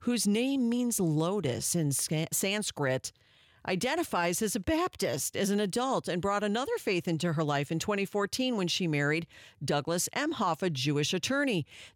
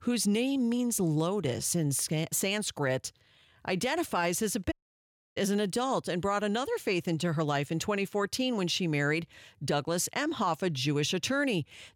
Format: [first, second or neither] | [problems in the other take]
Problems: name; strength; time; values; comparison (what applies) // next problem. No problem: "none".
first | audio cutting out; at 4.5 s for 0.5 s